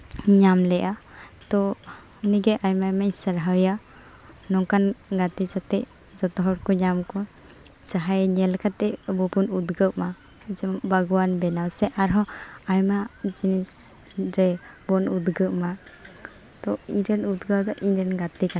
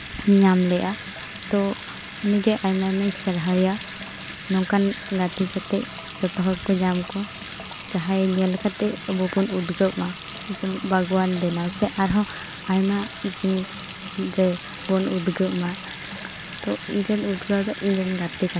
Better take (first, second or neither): first